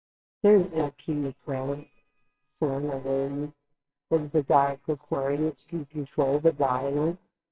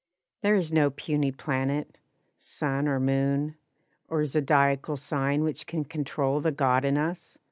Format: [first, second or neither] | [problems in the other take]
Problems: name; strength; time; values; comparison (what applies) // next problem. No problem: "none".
second | noise reduction (neural separator model SepFormer WHAMR!)